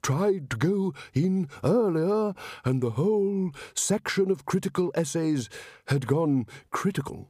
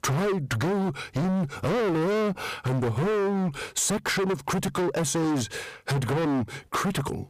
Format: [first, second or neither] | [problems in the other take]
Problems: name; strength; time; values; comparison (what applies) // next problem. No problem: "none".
first | distortion; heavy; 36% of the sound clipped